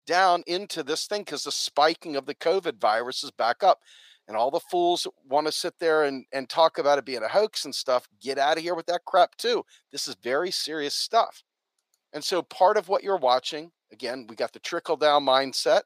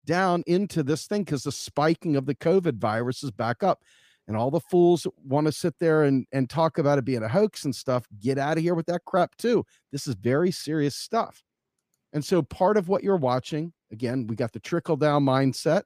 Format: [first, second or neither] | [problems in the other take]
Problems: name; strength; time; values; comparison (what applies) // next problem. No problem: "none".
second | thin; very; fading below 650 Hz